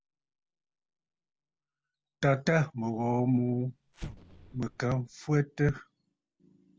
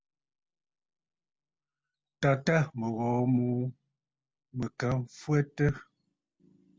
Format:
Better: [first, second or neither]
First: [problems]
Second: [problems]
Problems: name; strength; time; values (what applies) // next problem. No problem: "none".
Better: second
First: background sound (Explosion); 16 dB below the speech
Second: none